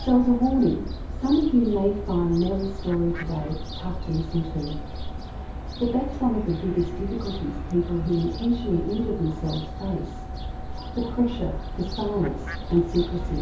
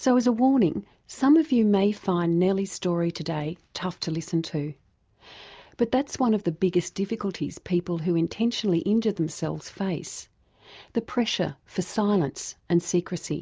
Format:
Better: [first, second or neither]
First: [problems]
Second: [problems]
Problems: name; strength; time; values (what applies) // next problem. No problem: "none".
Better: second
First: background sound (Fowl); 6 dB below the speech // room echo; dies away in 0.6 s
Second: none